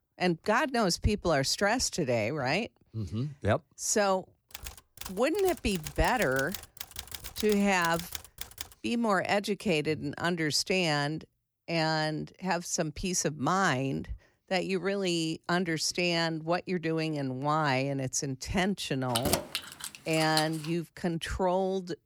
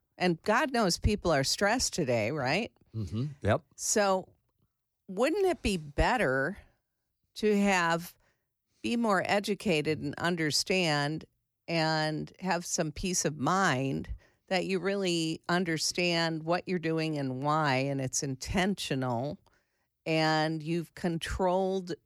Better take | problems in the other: second | keyboard typing; noticeable; from 4.5 to 8.5 s; peak 9 dB below the speech // jangling keys; noticeable; from 19 to 21 s; peak level with the speech

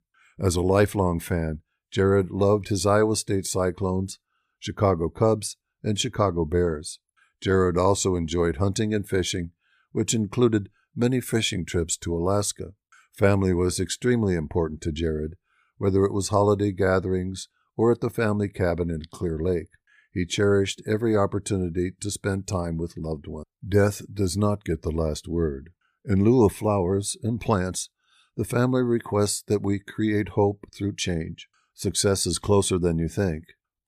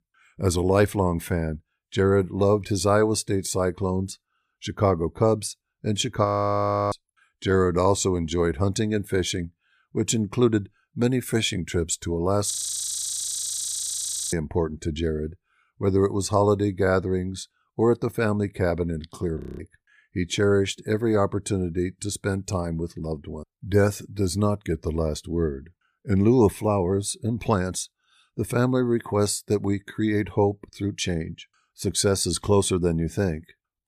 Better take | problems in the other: first | audio freezing; at 6.5 s for 0.5 s, at 13 s for 2 s and at 19 s

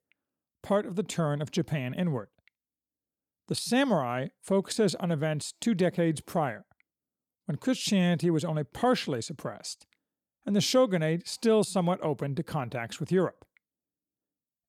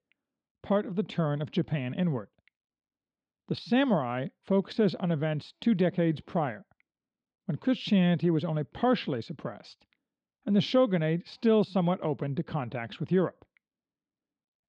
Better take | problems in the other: first | muffled; slightly; fading above 3.5 kHz

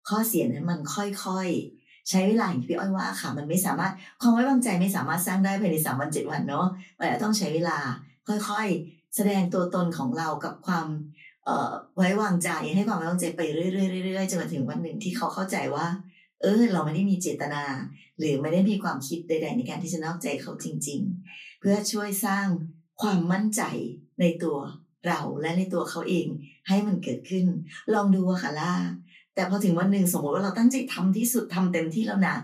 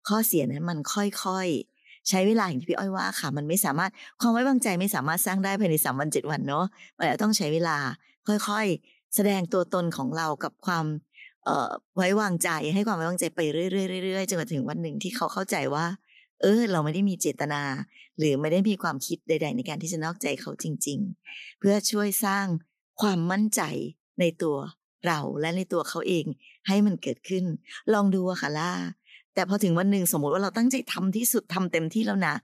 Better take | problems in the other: second | off-mic speech; far // room echo; very slight; dies away in 0.2 s

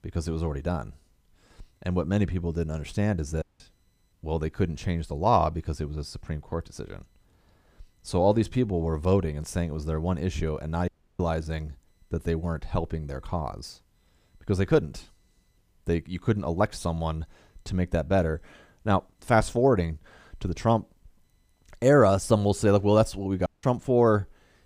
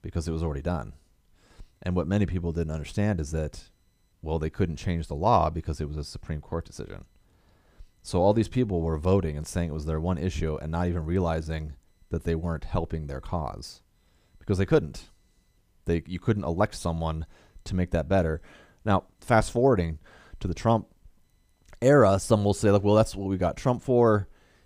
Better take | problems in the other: second | audio cutting out; at 3.5 s, at 11 s and at 23 s

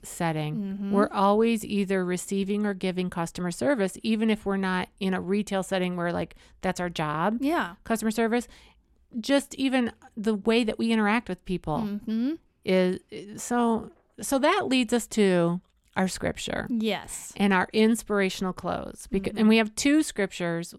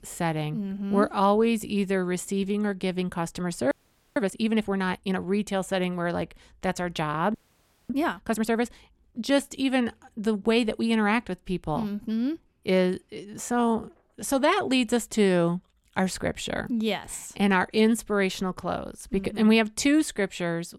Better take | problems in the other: first | audio freezing; at 3.5 s and at 7.5 s for 0.5 s

